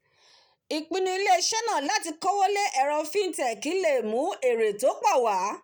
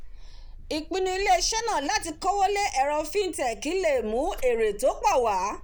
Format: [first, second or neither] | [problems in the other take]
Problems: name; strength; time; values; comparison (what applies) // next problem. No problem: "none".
first | background sound (Purr); 14 dB below the speech